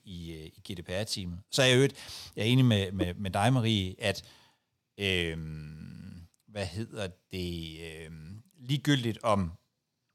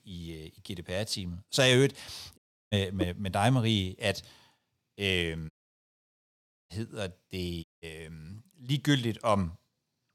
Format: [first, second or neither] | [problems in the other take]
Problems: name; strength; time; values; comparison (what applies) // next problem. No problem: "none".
first | audio cutting out; at 2.5 s, at 5.5 s for 1 s and at 7.5 s